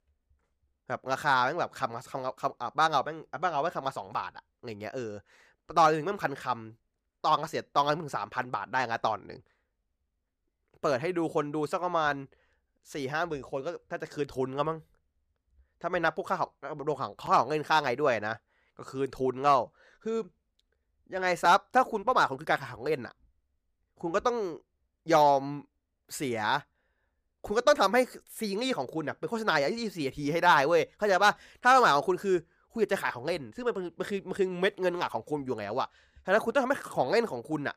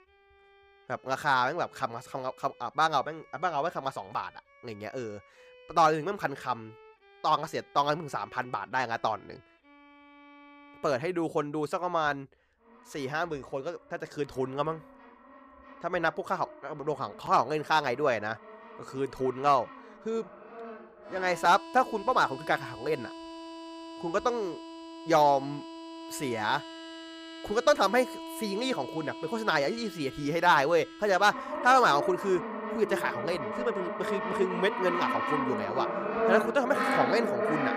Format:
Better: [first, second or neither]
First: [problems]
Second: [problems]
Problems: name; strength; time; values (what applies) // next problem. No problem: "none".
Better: first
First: none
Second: background music; loud; throughout; 7 dB below the speech